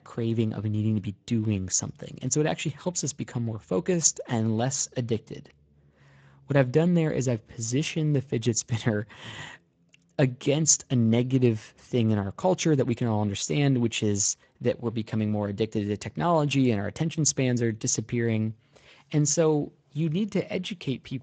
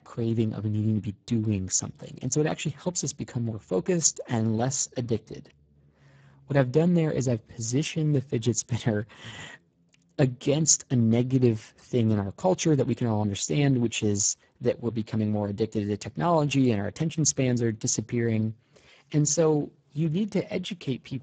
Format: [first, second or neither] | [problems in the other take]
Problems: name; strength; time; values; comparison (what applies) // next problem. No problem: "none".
first | garbled, watery; badly; nothing above 7.5 kHz; slightly in the first